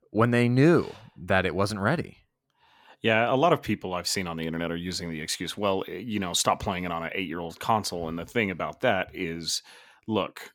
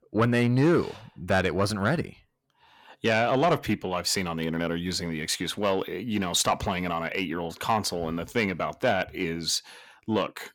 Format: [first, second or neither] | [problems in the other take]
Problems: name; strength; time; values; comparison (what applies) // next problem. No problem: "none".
first | distortion; slight; 10 dB below the speech